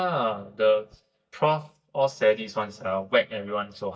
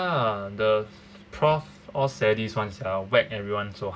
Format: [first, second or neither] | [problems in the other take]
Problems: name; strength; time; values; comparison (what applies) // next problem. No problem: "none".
second | noise reduction (neural mask model DeepFilterNet 3)